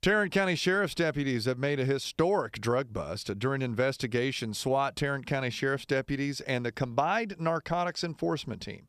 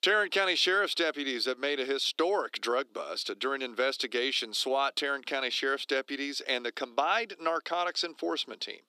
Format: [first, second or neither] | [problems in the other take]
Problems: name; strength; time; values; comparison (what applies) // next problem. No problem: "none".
first | thin; somewhat; fading below 300 Hz